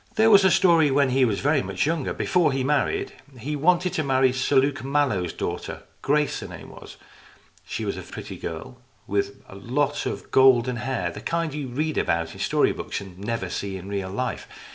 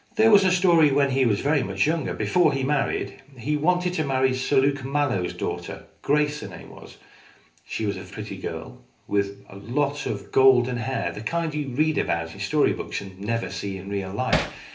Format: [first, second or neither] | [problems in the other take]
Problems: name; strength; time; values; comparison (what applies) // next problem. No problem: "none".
first | background sound (Hammer); 3 dB below the speech // room echo; dies away in 0.3 s